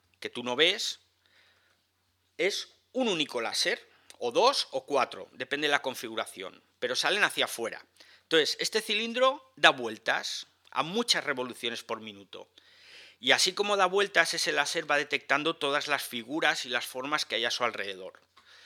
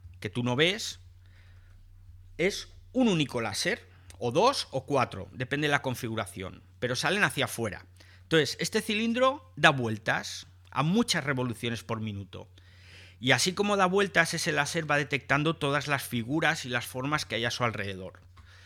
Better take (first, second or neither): second